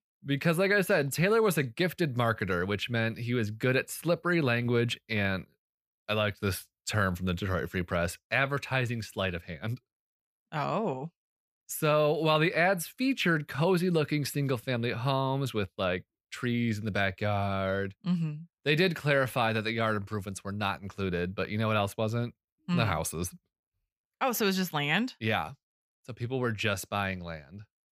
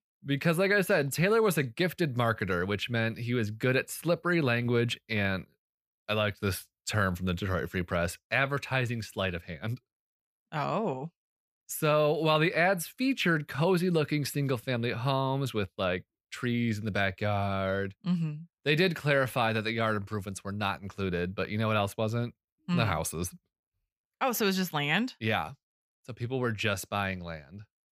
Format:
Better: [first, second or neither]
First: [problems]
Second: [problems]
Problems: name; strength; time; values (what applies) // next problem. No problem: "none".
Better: neither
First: none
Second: none